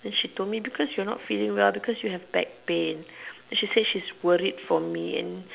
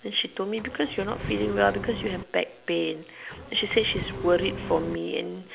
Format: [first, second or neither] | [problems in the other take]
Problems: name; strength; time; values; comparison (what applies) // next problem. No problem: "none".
first | background sound (Engine); 9 dB below the speech